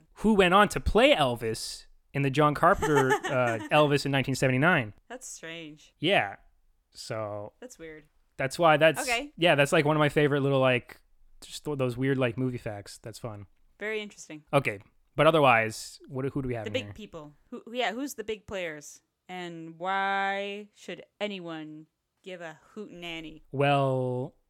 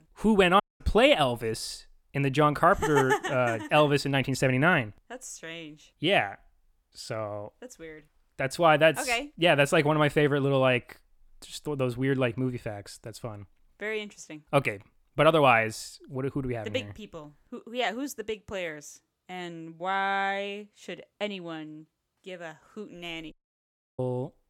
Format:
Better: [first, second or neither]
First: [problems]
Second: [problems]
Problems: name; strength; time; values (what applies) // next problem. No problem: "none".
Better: first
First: none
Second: audio cutting out; at 0.5 s and at 23 s for 0.5 s